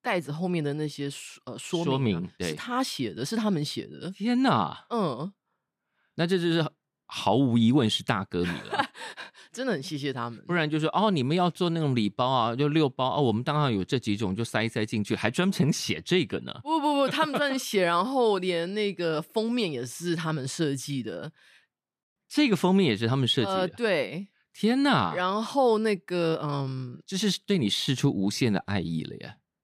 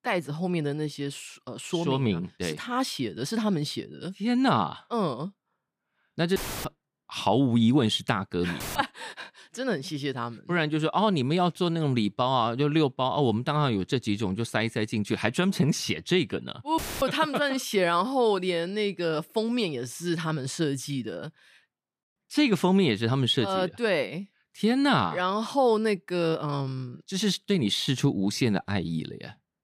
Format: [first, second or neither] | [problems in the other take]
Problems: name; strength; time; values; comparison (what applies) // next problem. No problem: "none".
first | audio cutting out; filled with static; at 6.5 s, at 8.5 s and at 17 s